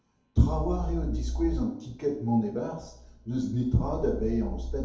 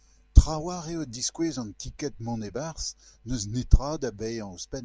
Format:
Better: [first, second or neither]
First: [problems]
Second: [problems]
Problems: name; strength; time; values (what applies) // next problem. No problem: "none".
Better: second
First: room echo; dies away in 2.1 s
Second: none